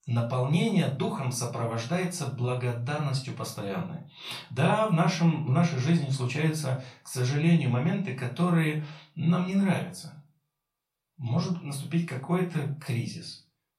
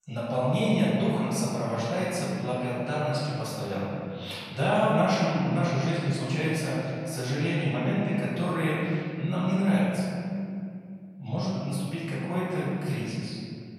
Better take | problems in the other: first | room echo; strong; dies away in 2.4 s; slight in the first // off-mic speech; far; far in the first

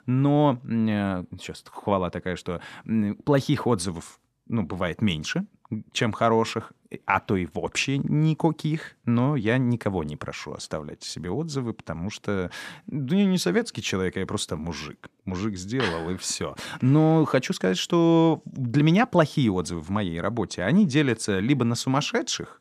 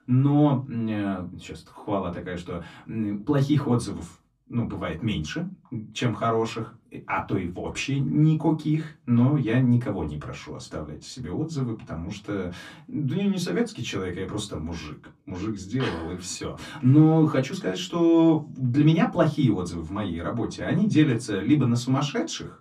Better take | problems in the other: first | off-mic speech; far // room echo; very slight; dies away in 0.2 s

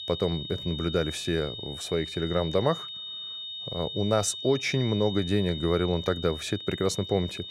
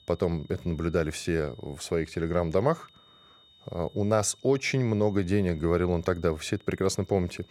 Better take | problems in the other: second | high-pitched whine; loud; throughout; 3.5 kHz, 8 dB below the speech; faint in the second

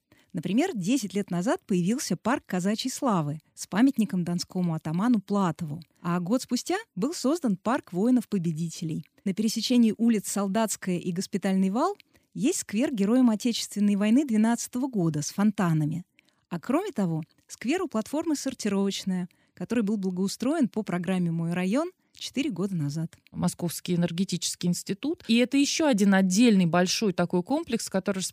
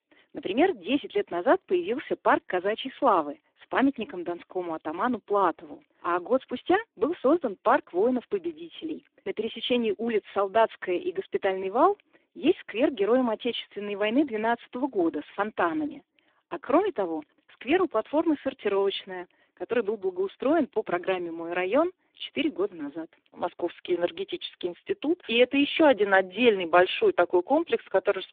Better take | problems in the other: first | phone-call audio; poor line

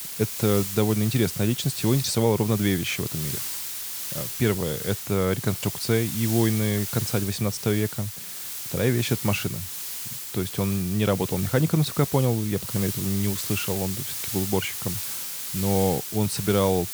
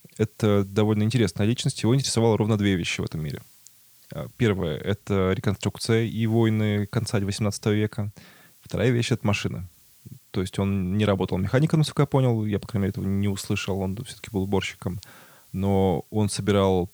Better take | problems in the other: second | hiss; loud; throughout; 4 dB below the speech; faint in the second

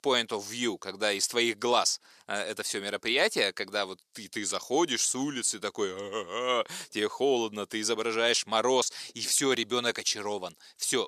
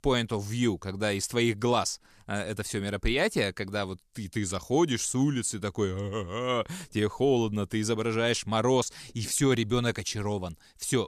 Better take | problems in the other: second | thin; somewhat; fading below 400 Hz

